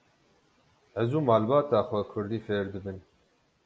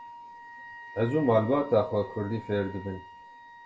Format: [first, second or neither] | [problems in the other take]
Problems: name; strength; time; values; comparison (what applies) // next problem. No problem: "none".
first | background sound (Wind instrument, woodwind instrument); 16 dB below the speech // room echo; dies away in 0.2 s